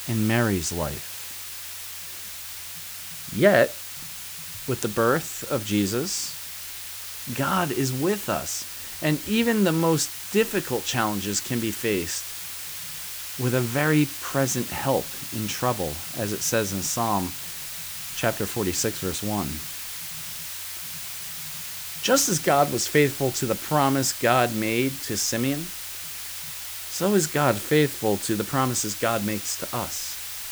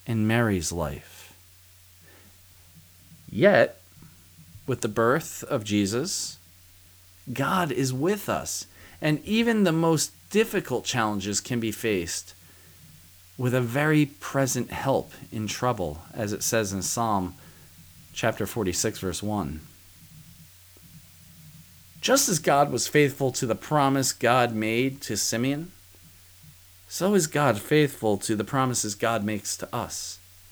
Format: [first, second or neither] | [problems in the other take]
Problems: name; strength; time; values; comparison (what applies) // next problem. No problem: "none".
second | hiss; loud; throughout; 8 dB below the speech; faint in the second